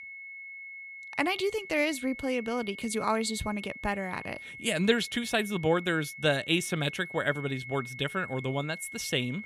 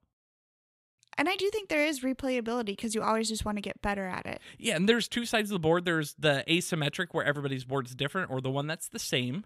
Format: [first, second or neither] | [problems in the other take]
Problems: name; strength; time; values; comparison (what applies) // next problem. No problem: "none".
second | high-pitched whine; noticeable; throughout; 2 kHz, 10 dB below the speech